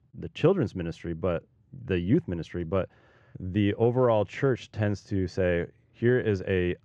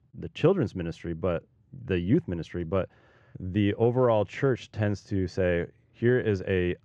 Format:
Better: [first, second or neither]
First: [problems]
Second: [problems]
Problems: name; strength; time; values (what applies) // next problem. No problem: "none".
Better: neither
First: muffled; slightly; fading above 3.5 kHz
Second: muffled; slightly; fading above 3.5 kHz